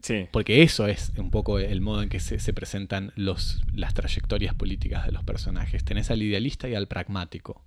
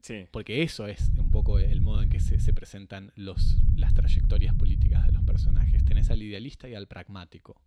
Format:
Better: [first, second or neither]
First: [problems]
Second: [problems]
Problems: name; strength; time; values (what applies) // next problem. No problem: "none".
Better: first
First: low rumble; faint; from 1 to 2.5 s and from 3.5 to 6 s; 20 dB below the speech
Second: low rumble; loud; from 1 to 2.5 s and from 3.5 to 6 s; 4 dB below the speech